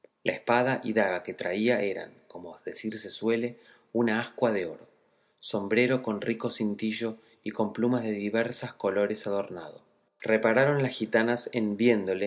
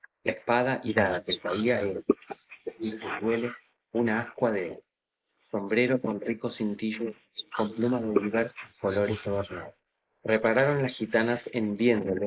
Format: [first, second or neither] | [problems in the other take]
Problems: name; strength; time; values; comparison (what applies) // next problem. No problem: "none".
first | noise reduction (neural mask model Resemble Enhance denoiser)